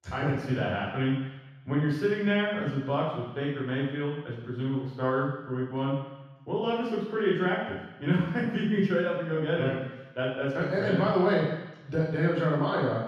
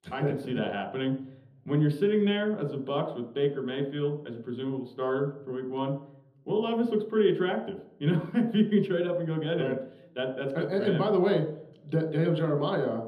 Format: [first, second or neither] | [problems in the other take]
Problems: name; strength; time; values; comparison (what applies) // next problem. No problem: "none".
second | room echo; strong; dies away in 1.1 s; slight in the second // off-mic speech; far